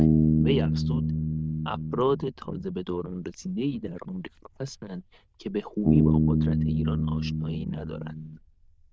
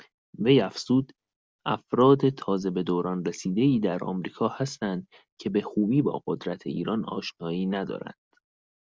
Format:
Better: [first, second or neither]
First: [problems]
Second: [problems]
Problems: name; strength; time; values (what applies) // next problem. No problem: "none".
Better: second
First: noise reduction (neural diffusion model UNIVERSE++)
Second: none